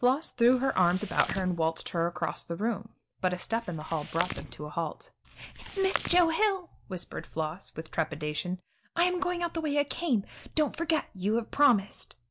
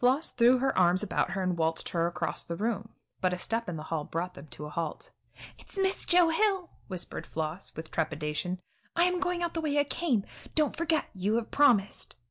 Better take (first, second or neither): second